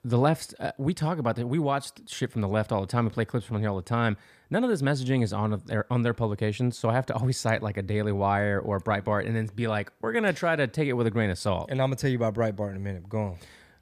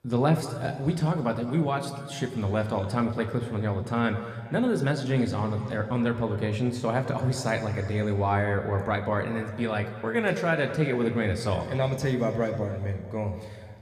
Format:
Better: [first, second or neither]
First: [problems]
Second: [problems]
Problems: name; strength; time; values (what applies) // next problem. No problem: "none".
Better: first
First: none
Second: room echo; slight; dies away in 2.2 s